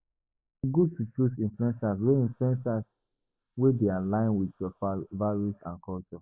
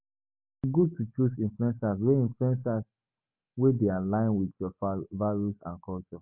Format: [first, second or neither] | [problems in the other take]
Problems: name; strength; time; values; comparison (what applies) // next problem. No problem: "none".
second | noise reduction (neural mask model Resemble Enhance denoiser)